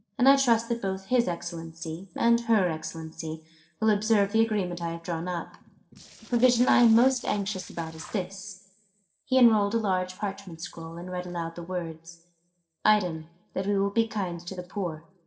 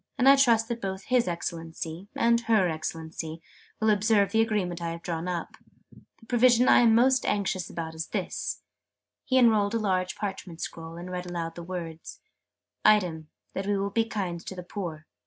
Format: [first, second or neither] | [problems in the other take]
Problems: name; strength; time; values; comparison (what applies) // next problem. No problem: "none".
second | noise reduction (neural separator model SepFormer DNS4)